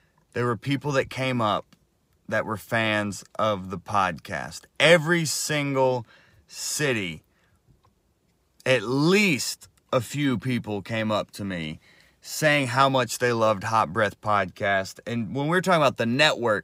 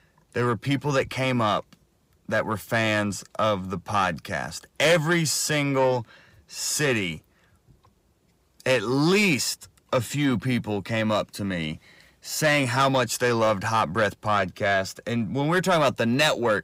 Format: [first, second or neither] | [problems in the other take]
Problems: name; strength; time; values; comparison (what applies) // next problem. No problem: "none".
first | distortion; slight; 10 dB below the speech